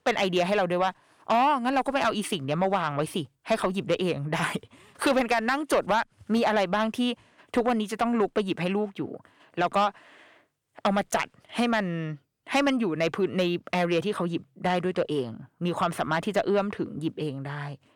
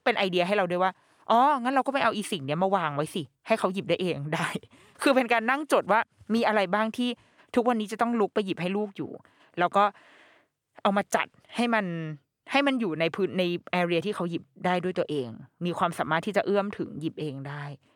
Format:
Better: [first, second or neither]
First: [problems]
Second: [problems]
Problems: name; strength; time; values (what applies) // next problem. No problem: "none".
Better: second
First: distortion; slight; 10 dB below the speech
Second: none